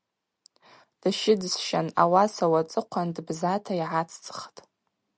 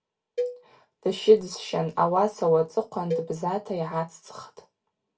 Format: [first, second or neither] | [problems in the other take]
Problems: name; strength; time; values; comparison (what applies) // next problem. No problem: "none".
first | background sound (Cowbell); 11 dB below the speech // room echo; dies away in 0.2 s